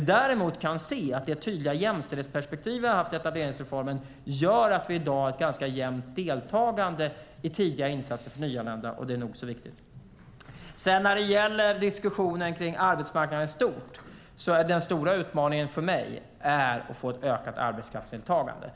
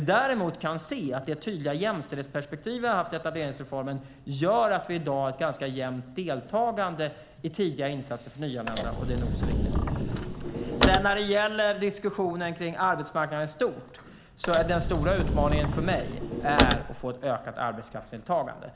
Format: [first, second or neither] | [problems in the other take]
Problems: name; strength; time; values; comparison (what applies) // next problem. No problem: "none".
first | background sound (Sliding door / Slam / Wood); 2 dB above the speech